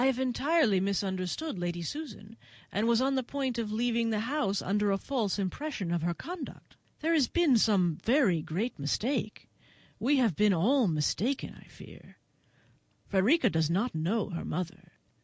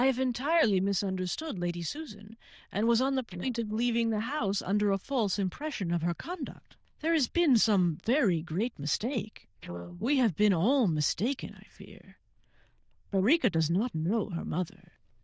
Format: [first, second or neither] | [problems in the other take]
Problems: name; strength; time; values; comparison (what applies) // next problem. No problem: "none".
first | noise reduction (neural diffusion model UNIVERSE++)